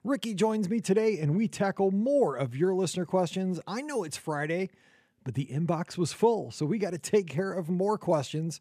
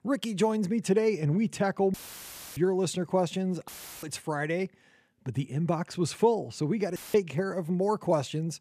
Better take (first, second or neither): first